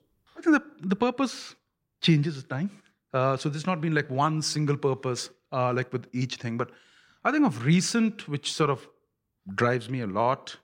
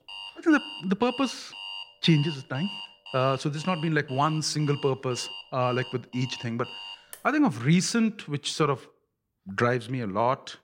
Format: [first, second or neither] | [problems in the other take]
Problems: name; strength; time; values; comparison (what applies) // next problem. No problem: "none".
first | alarm; noticeable; until 7 s; peak 9 dB below the speech